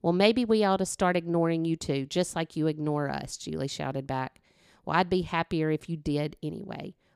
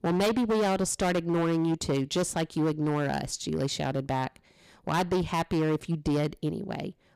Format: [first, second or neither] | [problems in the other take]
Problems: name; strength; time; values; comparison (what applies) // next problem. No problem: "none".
first | distortion; heavy; 15% of the sound clipped